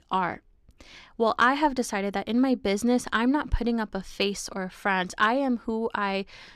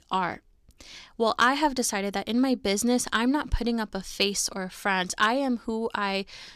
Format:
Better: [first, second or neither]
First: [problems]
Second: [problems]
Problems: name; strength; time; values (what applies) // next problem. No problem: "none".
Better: second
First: muffled; slightly; fading above 3.5 kHz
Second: none